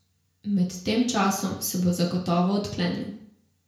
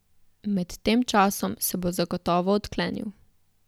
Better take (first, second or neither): second